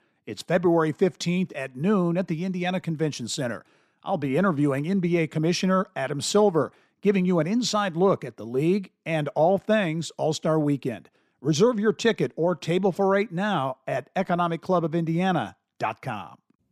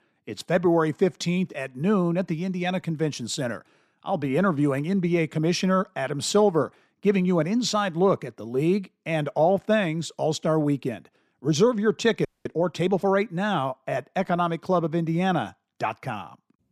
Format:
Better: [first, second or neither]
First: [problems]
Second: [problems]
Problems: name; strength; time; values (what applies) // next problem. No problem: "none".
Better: first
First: none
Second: audio freezing; at 12 s